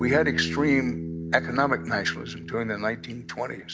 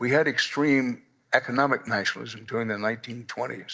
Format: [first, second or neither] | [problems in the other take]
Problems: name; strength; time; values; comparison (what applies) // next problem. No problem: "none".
second | background sound (Bass guitar); 7 dB below the speech